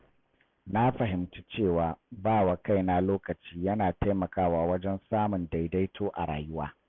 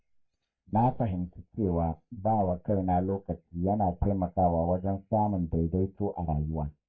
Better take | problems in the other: first | noise reduction (neural mask model DeepFilterNet 3)

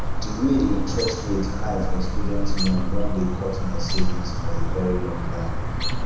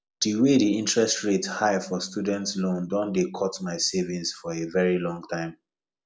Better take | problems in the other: second | background sound (Chirp, tweet); 5 dB above the speech // room echo; dies away in 1 s

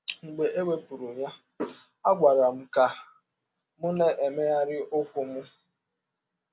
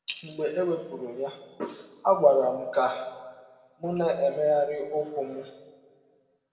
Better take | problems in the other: first | room echo; dies away in 1.3 s

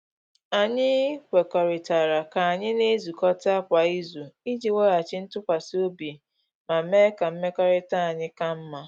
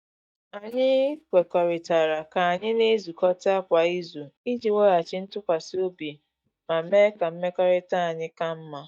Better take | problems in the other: first | noise reduction (neural mask model DeepFilterNet 3)

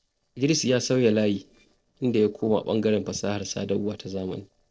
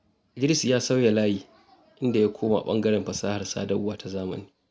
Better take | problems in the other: second | noise reduction (neural separator model SepFormer DNS4)

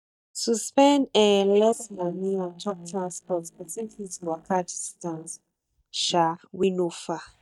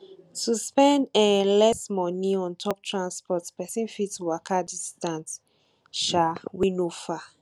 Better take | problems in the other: second | noise reduction (neural mask model DeepFilterNet 3)

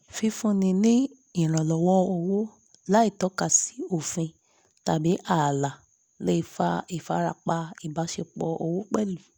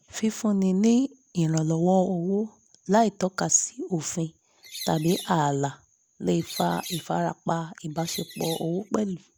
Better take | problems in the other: first | background sound (Bird); 14 dB below the speech

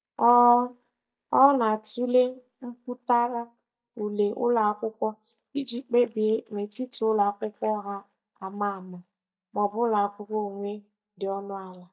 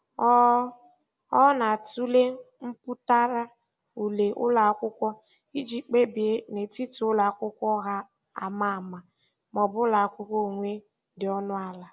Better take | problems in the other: second | noise reduction (neural mask model DeepFilterNet 3)

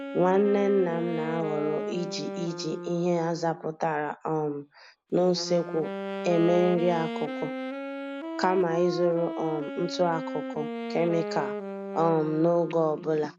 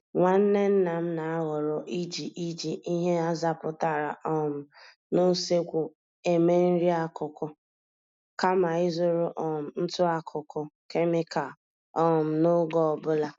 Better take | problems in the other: second | background sound (Wind instrument, woodwind instrument); 8 dB below the speech

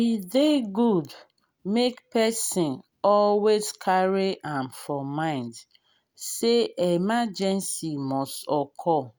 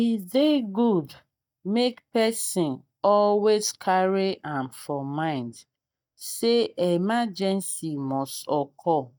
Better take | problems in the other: first | noise reduction (neural mask model DeepFilterNet 3)

